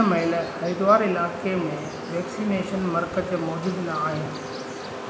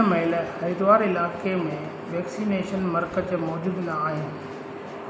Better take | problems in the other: second | background sound (Insect); 13 dB below the speech

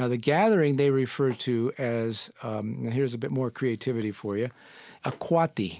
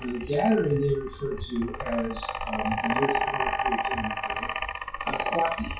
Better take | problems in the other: first | noise reduction (classical method WPE with log-MMSE)

